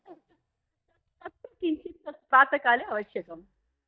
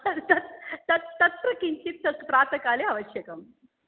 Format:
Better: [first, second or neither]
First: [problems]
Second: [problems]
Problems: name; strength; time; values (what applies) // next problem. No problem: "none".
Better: second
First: noise reduction (neural mask model DeepFilterNet 3)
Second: none